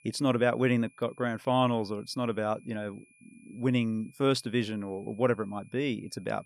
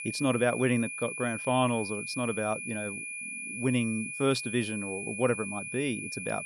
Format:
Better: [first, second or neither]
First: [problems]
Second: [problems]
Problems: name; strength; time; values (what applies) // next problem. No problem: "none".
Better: first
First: high-pitched whine; faint; throughout; 2.5 kHz, 30 dB below the speech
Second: high-pitched whine; loud; throughout; 2.5 kHz, 5 dB below the speech